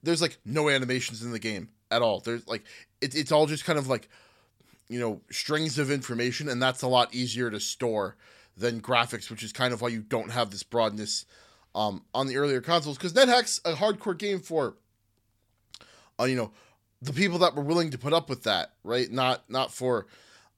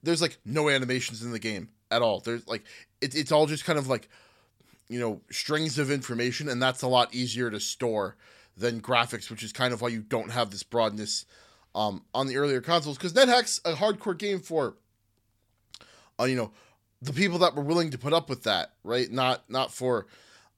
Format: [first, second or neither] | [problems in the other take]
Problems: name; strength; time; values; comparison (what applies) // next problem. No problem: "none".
neither | none